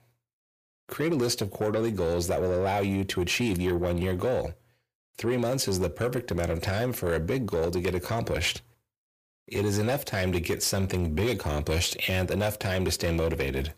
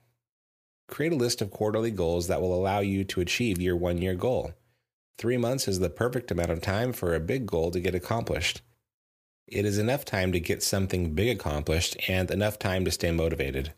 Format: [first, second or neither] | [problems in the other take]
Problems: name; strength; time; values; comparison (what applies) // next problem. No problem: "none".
second | distortion; slight; 10 dB below the speech